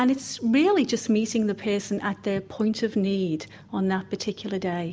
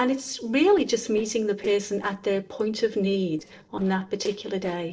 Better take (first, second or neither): first